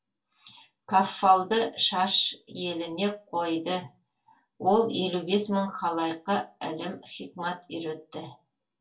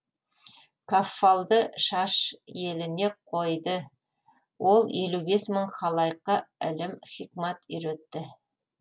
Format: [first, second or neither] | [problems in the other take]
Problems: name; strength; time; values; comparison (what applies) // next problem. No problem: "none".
second | room echo; dies away in 0.2 s